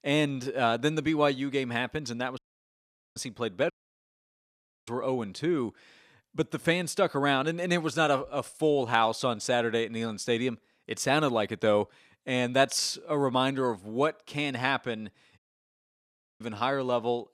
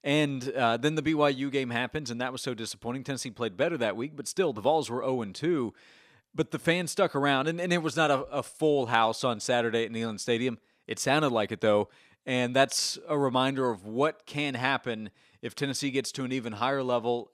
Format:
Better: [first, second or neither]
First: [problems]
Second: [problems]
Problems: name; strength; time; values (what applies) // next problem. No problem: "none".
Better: second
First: audio cutting out; at 2.5 s for 1 s, at 3.5 s for 1 s and at 15 s for 1 s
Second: none